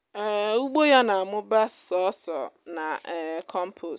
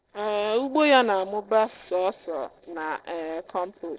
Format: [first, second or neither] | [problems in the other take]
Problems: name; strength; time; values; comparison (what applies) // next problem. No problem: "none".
first | noise reduction (neural separator model SepFormer DNS4)